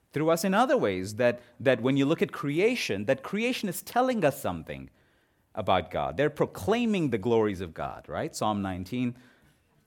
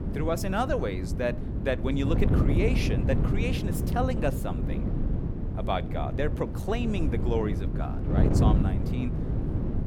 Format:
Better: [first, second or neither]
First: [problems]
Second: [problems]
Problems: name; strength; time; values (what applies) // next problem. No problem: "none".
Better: first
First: none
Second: wind noise on the microphone; heavy; 5 dB below the speech